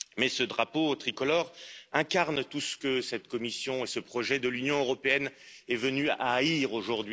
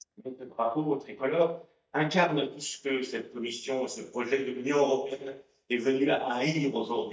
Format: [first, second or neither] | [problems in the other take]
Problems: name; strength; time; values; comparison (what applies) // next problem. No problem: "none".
first | noise reduction (neural mask model DeepFilterNet 3)